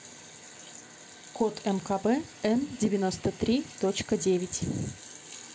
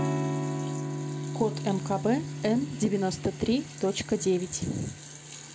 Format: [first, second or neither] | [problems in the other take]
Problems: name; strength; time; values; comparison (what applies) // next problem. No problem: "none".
first | background sound (Electric guitar / Strum); 5 dB below the speech